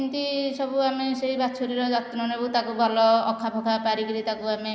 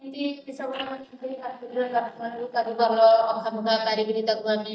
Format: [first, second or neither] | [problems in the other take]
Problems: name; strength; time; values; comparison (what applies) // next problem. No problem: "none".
first | noise reduction (neural mask model DeepFilterNet 3)